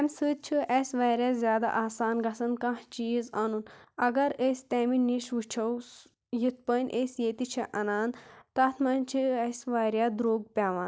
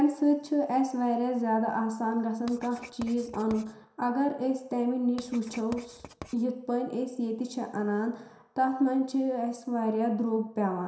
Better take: first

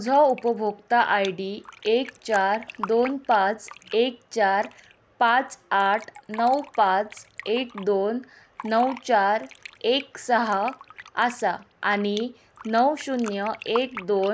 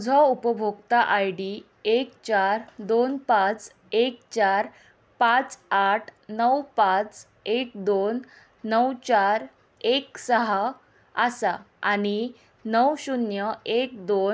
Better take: second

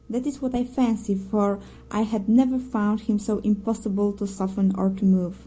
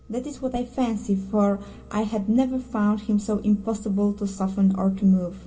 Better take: first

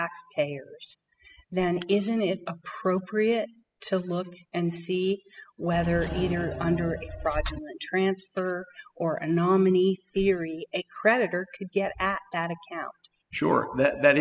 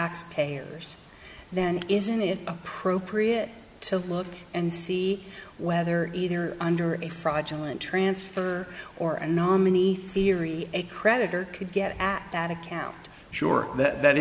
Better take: second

